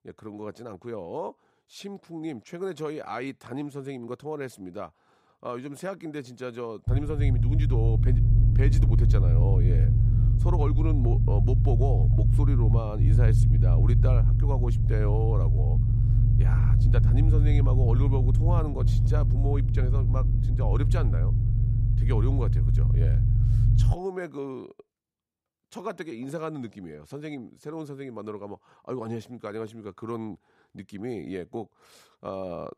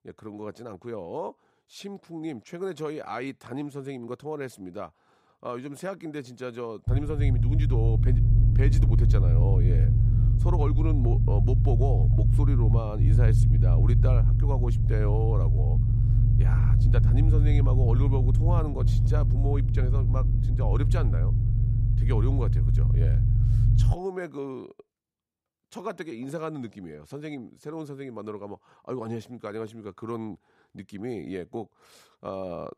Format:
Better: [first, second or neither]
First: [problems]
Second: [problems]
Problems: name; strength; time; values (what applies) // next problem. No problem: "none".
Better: neither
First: low rumble; loud; from 7 to 24 s; 1 dB below the speech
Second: low rumble; loud; from 7 to 24 s; 1 dB below the speech